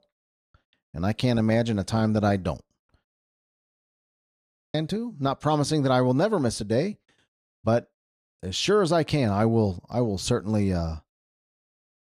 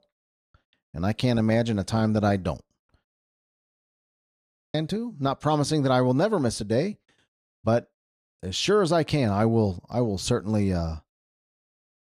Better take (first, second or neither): neither